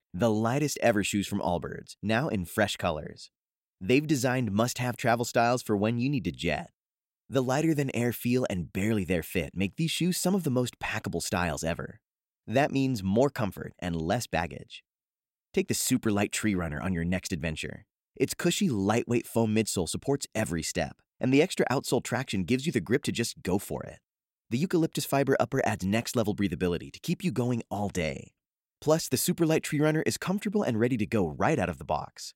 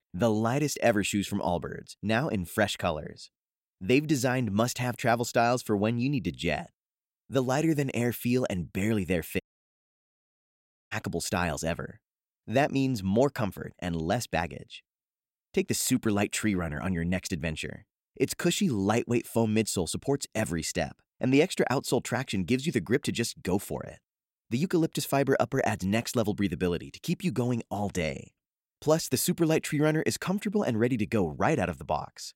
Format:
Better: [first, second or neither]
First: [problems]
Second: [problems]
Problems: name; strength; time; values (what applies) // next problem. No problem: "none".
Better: first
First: none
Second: audio cutting out; at 9.5 s for 1.5 s